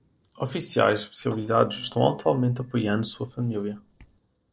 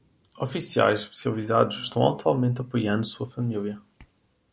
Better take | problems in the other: second | noise reduction (neural separator model SepFormer DNS4)

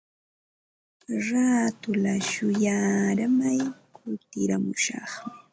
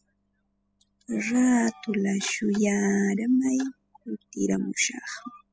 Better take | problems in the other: first | noise reduction (classical method spectral subtraction)

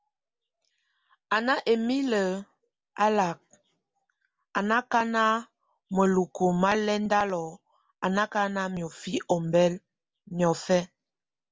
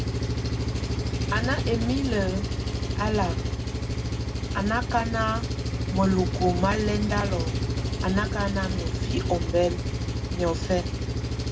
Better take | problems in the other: first | background sound (Engine); 1 dB above the speech // room echo; dies away in 0.2 s

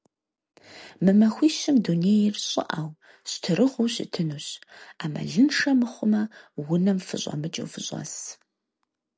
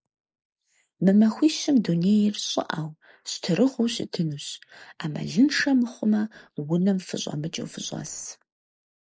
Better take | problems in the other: first | noise reduction (neural mask model Resemble Enhance denoiser)

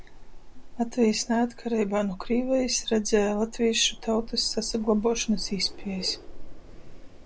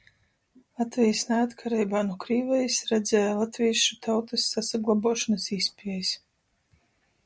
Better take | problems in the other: second | background sound (Wind); 11 dB below the speech

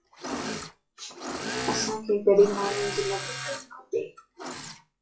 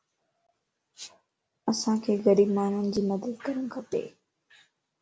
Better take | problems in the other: second | noise reduction (classical method WPE with log-MMSE)

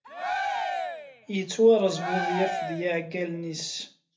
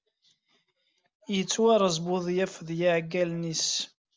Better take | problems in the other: second | background sound (Cheering); 5 dB below the speech // room echo; dies away in 0.3 s

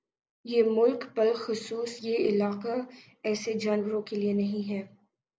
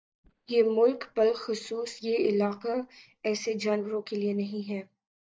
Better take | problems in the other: first | noise reduction (neural mask model DeepFilterNet 3)

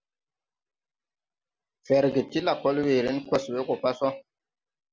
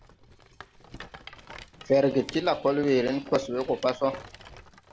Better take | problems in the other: first | background sound (Rattle); 19 dB below the speech

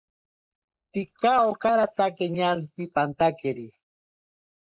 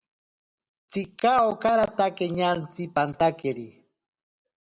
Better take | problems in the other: second | noise reduction (neural mask model Resemble Enhance denoiser)

